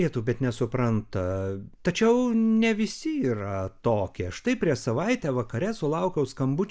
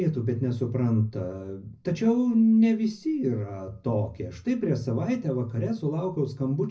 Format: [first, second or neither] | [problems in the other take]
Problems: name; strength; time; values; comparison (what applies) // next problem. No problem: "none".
first | room echo; dies away in 0.4 s